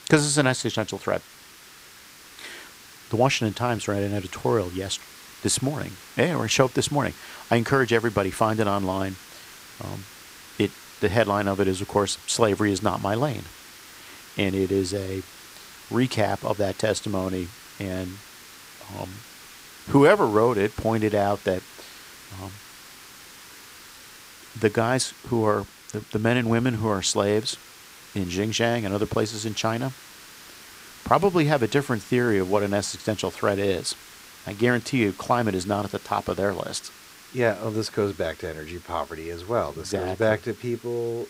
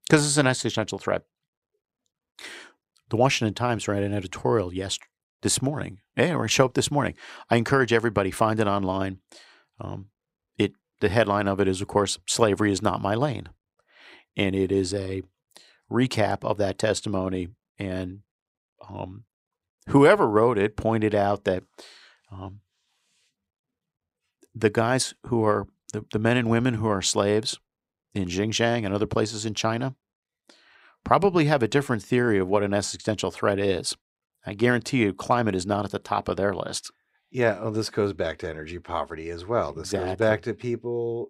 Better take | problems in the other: second | hiss; noticeable; throughout; 20 dB below the speech

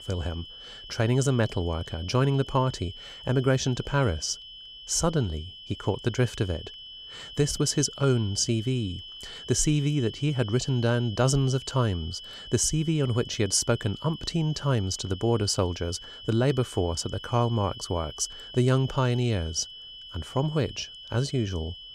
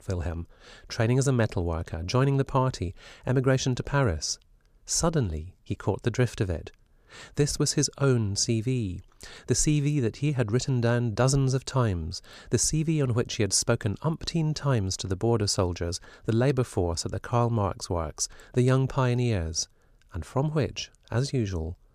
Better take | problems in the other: second | high-pitched whine; noticeable; throughout; 3 kHz, 15 dB below the speech

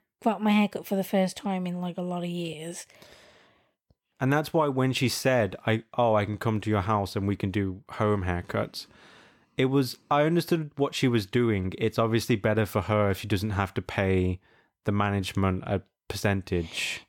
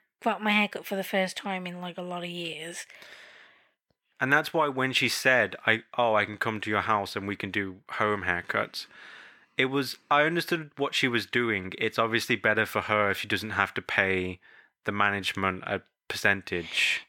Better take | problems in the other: first | thin; somewhat; fading below 600 Hz

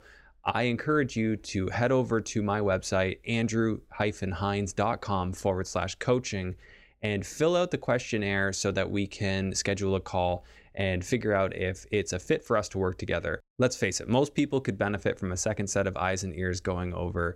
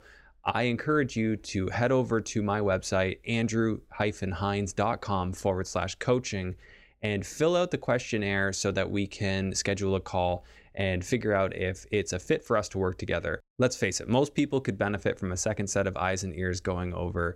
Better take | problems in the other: neither | none

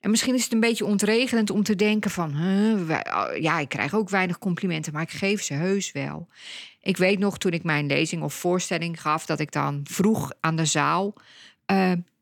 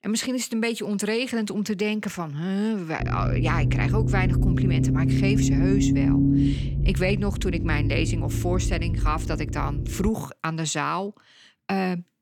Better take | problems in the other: first | low rumble; loud; from 3 to 10 s; 3 dB below the speech

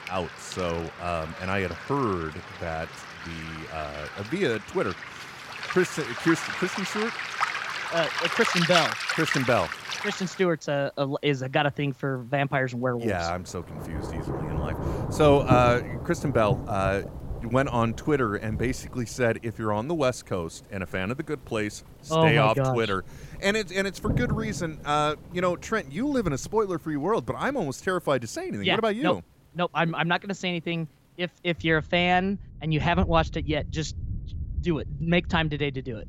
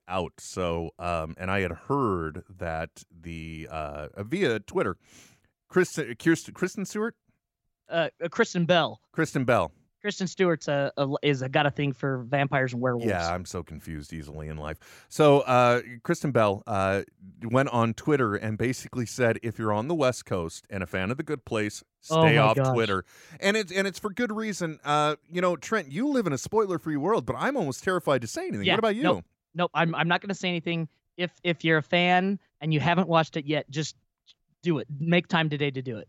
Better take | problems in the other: second | rain or running water; loud; throughout; 6 dB below the speech

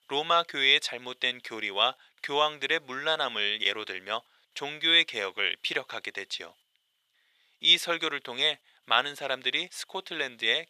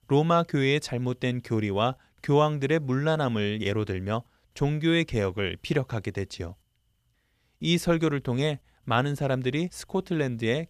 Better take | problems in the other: second | thin; very; fading below 650 Hz

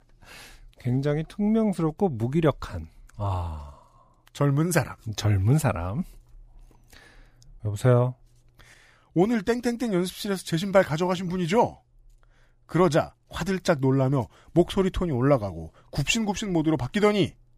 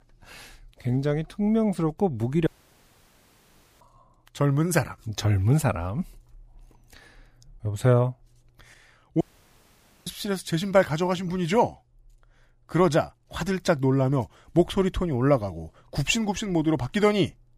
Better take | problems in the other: first | audio cutting out; at 2.5 s for 1.5 s and at 9 s for 1 s

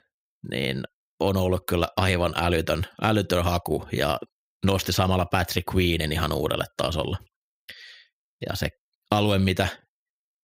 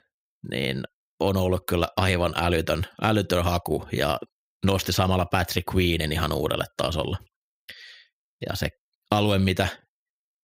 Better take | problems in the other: neither | none

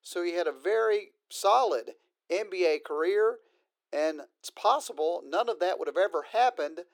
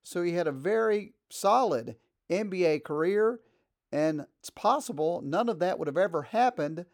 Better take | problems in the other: second | thin; very; fading below 350 Hz

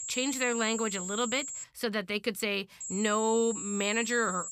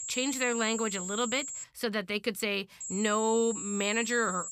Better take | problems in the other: neither | high-pitched whine; loud; until 1.5 s and from 3 s on; 7.5 kHz, 5 dB below the speech; the same in both

